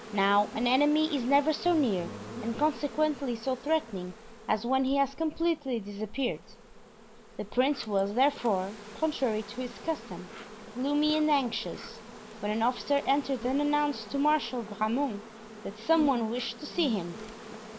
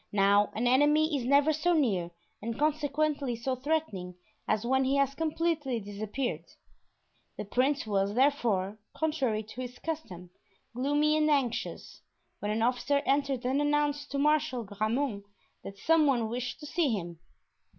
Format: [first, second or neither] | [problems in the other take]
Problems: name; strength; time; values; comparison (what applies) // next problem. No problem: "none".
second | background sound (Insect); 14 dB below the speech